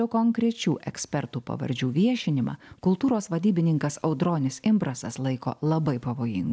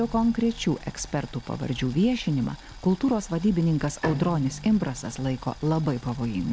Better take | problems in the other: first | background sound (Bowed string instrument + Boiling); 14 dB below the speech

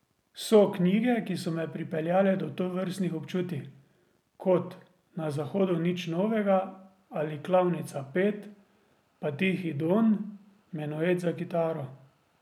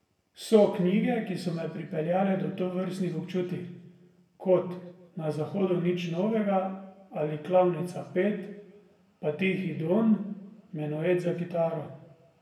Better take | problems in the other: first | room echo; dies away in 0.8 s

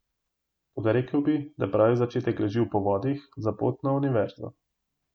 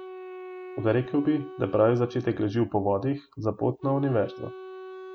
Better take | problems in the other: first | background sound (Wind instrument, woodwind instrument); 15 dB below the speech

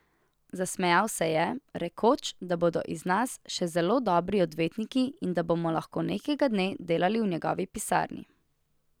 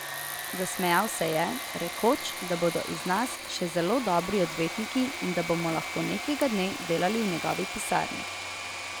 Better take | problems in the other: first | background sound (Engine / Mechanisms + Domestic sounds, home sounds); 6 dB below the speech

